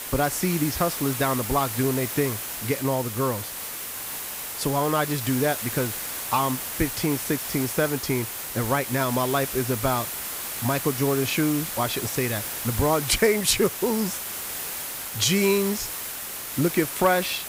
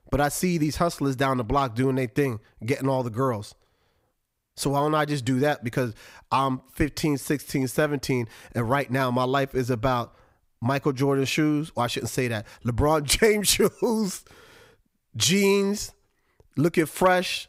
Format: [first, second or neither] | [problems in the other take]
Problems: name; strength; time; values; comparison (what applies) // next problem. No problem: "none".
second | hiss; loud; throughout; 5 dB below the speech